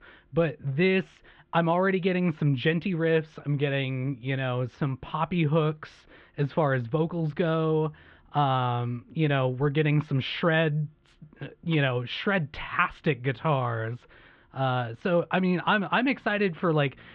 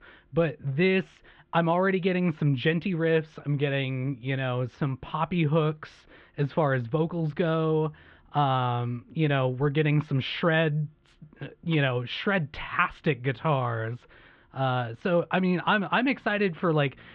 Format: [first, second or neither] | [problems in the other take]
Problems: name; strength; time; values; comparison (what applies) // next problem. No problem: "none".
neither | muffled; very; fading above 3.5 kHz; the same in both